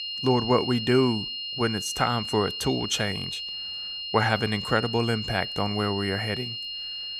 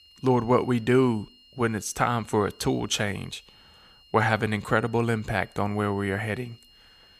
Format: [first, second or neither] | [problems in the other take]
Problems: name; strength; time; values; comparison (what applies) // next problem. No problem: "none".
second | high-pitched whine; loud; throughout; 3 kHz, 5 dB below the speech; faint in the second